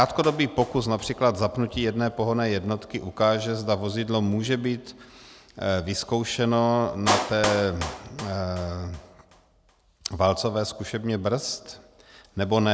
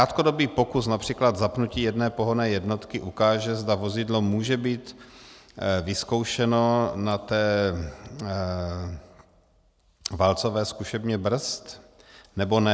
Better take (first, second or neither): second